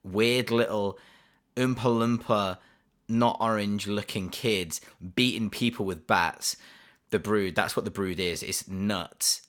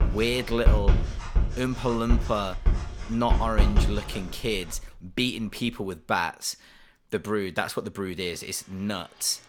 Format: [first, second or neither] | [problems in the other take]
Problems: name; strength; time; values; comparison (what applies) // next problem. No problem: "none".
first | household noises; very loud; throughout; 1 dB above the speech